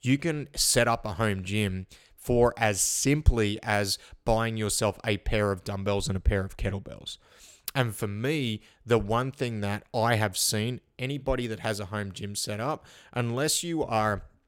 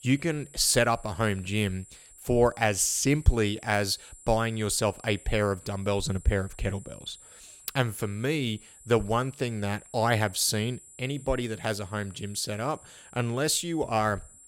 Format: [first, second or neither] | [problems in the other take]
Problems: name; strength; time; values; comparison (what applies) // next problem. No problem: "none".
first | high-pitched whine; faint; throughout; 7.5 kHz, 20 dB below the speech